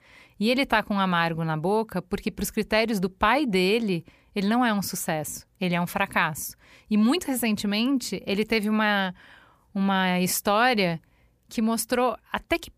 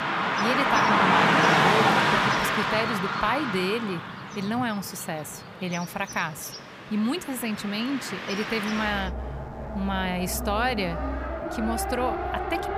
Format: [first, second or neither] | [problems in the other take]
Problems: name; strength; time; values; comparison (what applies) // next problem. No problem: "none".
first | traffic noise; very loud; throughout; 4 dB above the speech